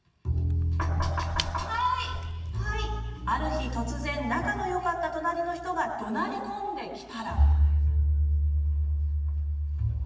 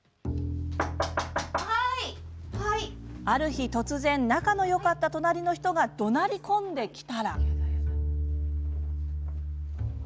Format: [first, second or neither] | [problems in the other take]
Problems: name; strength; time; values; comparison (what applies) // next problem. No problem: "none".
second | background sound (Shatter / Crushing); 11 dB below the speech // room echo; dies away in 1.4 s